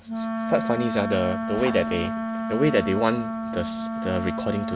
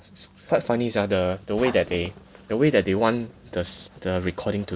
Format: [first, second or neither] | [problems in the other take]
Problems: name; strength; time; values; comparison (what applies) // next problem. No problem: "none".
second | background sound (Wind instrument, woodwind instrument); 3 dB below the speech